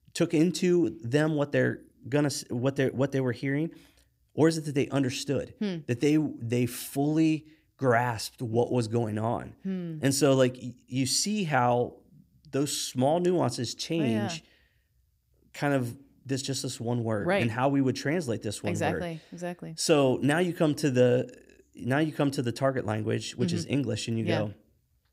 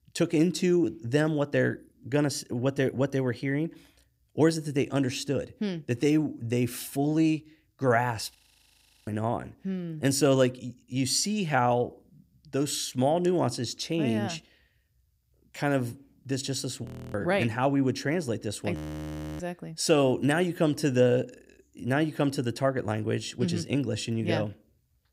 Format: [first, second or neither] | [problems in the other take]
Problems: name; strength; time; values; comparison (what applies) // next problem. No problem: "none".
first | audio freezing; at 8.5 s for 0.5 s, at 17 s and at 19 s for 0.5 s